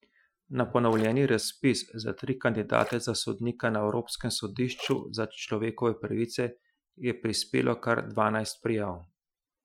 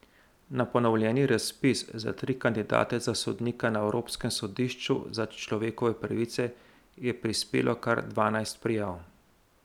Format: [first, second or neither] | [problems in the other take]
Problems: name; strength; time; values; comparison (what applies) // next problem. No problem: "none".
second | noise reduction (classical method Wiener filter)